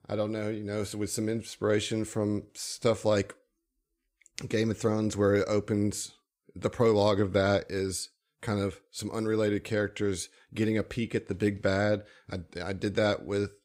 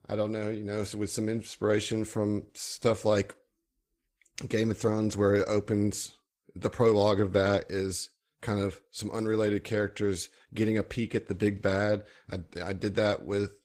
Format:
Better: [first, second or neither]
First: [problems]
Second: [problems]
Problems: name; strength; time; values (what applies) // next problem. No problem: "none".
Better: first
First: none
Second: garbled, watery; slightly; nothing above 15.5 kHz